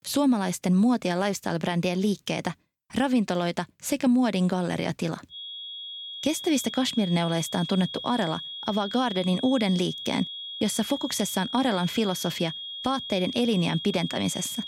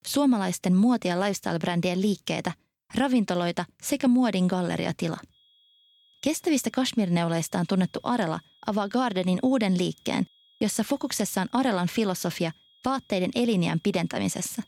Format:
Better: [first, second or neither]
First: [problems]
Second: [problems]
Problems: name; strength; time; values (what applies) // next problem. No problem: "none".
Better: second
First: high-pitched whine; loud; from 5.5 s on; 3.5 kHz, 8 dB below the speech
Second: high-pitched whine; faint; from 5.5 s on; 3.5 kHz, 30 dB below the speech